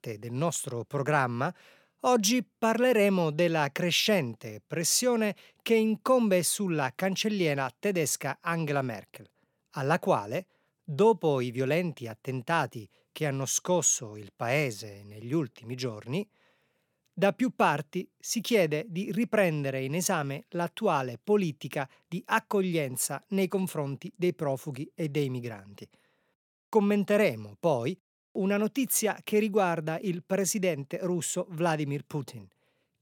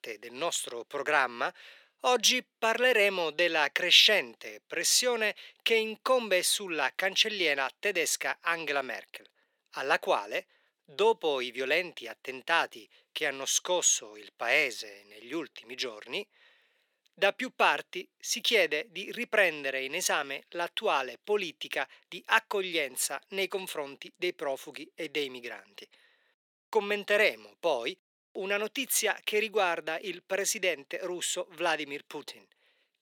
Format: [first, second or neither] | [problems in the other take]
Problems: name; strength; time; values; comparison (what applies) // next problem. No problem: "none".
first | thin; very; fading below 350 Hz